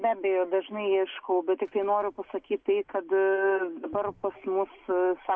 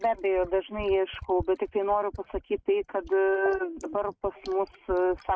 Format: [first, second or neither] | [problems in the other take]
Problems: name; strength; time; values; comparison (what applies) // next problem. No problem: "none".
first | noise reduction (neural mask model RNNoise)